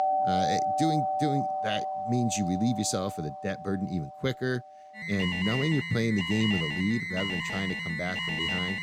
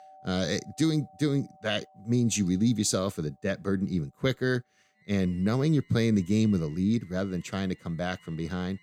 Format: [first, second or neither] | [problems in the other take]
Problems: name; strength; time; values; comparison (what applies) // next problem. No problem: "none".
second | alarms or sirens; loud; throughout; as loud as the speech; faint in the second